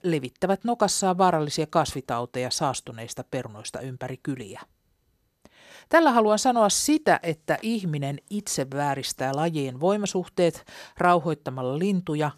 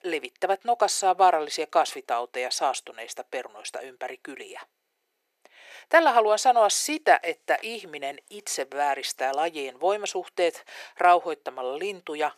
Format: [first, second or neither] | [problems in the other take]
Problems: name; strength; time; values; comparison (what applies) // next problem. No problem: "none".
first | thin; very; fading below 400 Hz